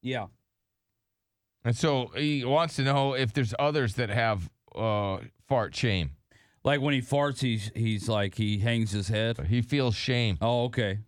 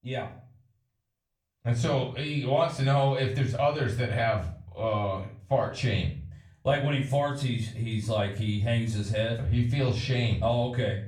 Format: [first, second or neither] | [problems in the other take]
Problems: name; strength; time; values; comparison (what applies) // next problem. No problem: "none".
first | off-mic speech; far // room echo; slight; dies away in 0.4 s